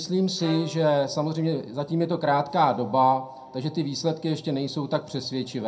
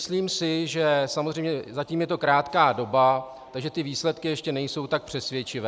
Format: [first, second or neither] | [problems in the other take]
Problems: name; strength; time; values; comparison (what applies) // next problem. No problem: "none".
second | background sound (Bowed string instrument); 19 dB below the speech // room echo; dies away in 0.2 s